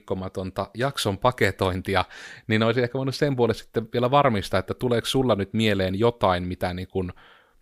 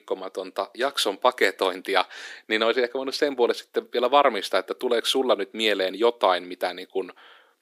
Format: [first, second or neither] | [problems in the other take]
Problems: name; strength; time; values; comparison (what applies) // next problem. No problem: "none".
first | thin; somewhat; fading below 300 Hz